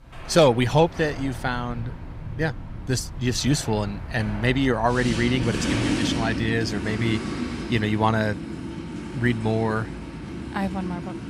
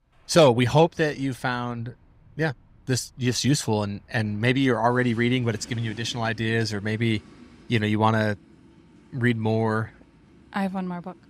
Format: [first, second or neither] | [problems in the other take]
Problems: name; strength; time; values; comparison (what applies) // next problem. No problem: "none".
second | traffic noise; loud; throughout; 7 dB below the speech; faint in the second